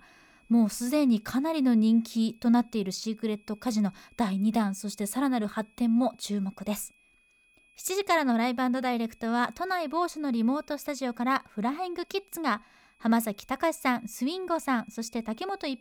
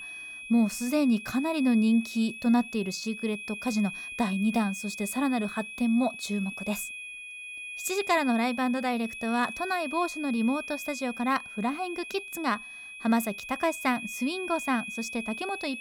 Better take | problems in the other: first | high-pitched whine; loud; throughout; 2.5 kHz, 9 dB below the speech; faint in the first

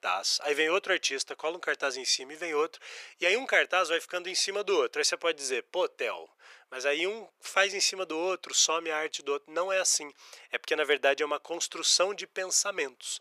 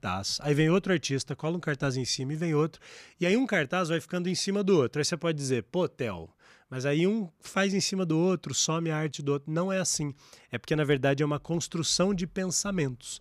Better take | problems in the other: second | thin; very; fading below 450 Hz

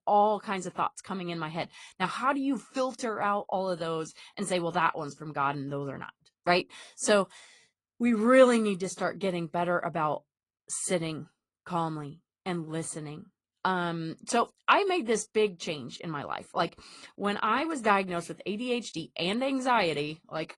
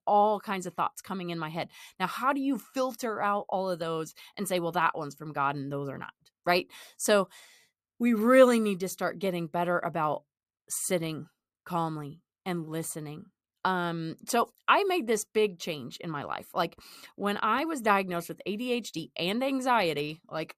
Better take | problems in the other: second | garbled, watery; slightly

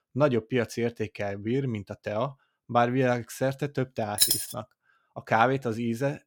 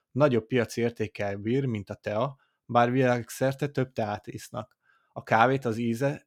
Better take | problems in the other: second | jangling keys; loud; at 4 s; peak 6 dB above the speech

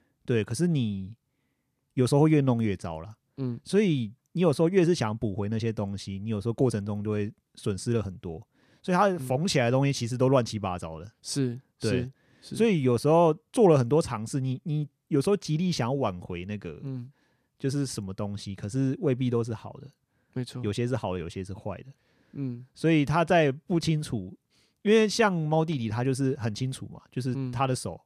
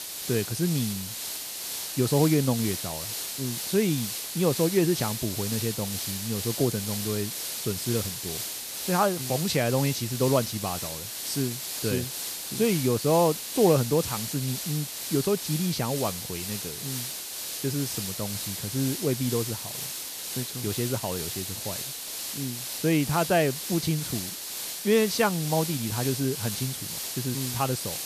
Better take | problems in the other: first | hiss; loud; throughout; 4 dB below the speech

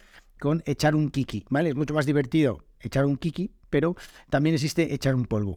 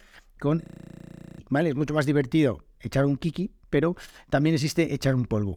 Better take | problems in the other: first | audio freezing; at 0.5 s for 1 s

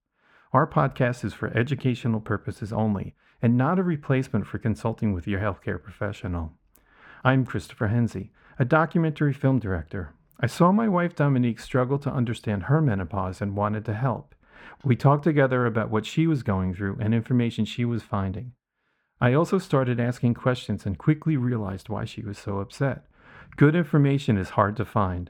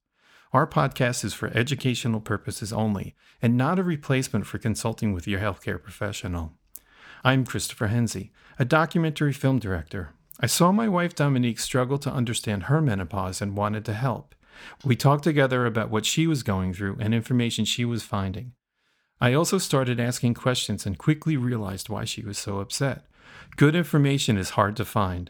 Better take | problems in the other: second | muffled; very; fading above 3 kHz

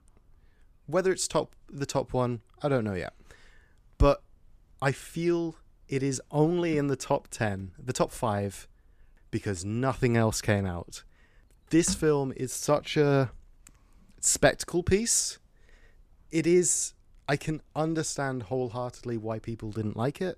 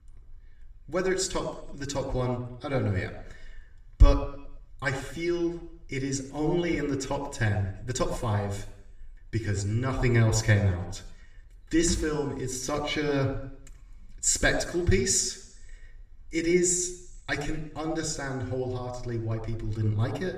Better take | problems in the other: first | room echo; slight; dies away in 0.8 s // off-mic speech; somewhat distant

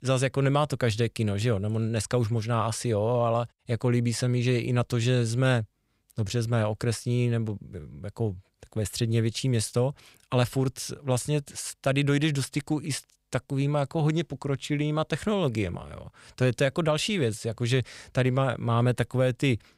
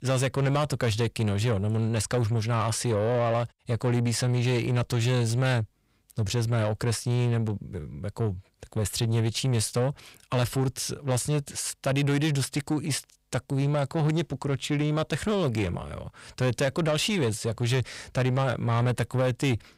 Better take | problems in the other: first | distortion; slight; 10 dB below the speech

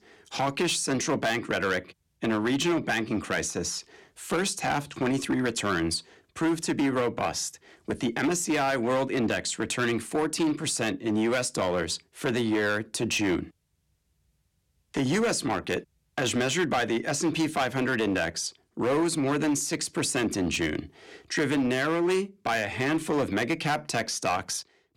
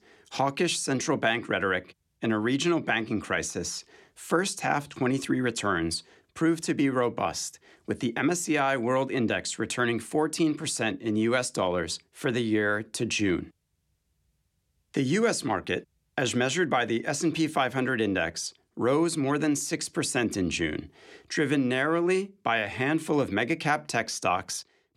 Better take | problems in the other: second | distortion; slight; 10% of the sound clipped

